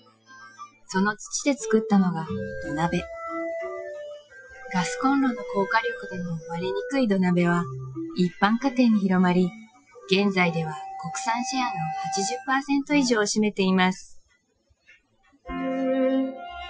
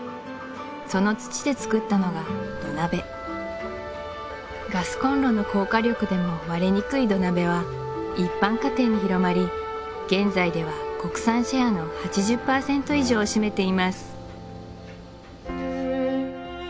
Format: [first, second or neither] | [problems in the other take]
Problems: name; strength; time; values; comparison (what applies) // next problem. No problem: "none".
second | noise reduction (classical method Wiener filter)